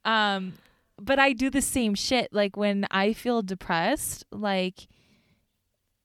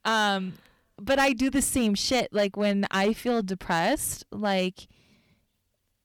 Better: first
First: none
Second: distortion; slight; 4% of the sound clipped

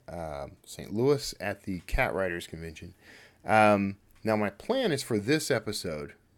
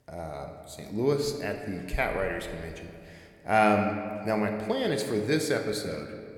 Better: first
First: none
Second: room echo; slight; dies away in 1.6 s

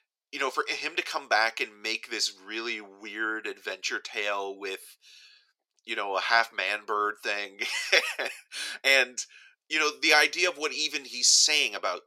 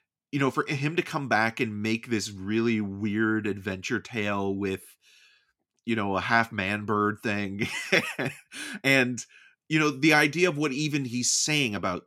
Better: second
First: thin; very; fading below 500 Hz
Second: none

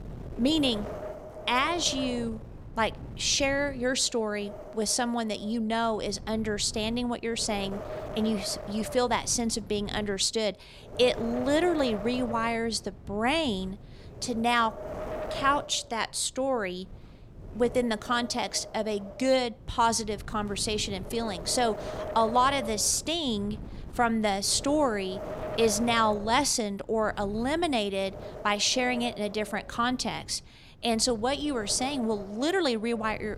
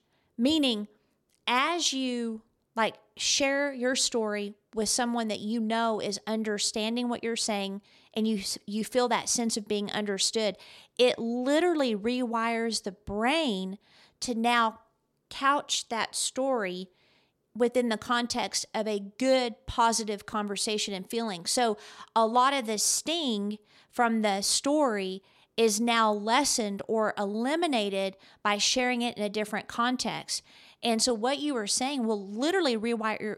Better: second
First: wind noise on the microphone; occasional gusts; 15 dB below the speech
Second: none

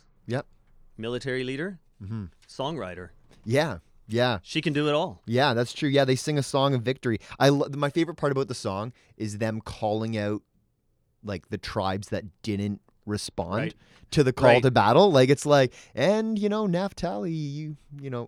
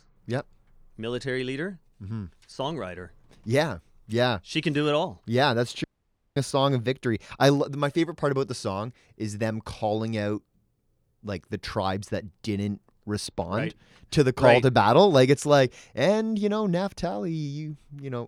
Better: first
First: none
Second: audio cutting out; at 6 s for 0.5 s

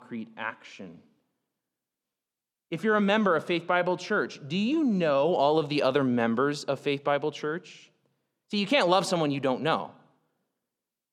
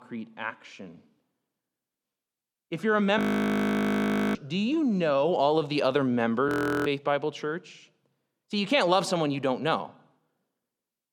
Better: first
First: none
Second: audio freezing; at 3 s for 1 s and at 6.5 s

